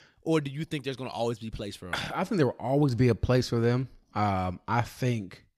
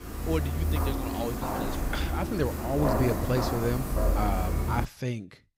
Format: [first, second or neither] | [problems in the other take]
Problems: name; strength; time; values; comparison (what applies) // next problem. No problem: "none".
first | footsteps; loud; until 5 s; peak 4 dB above the speech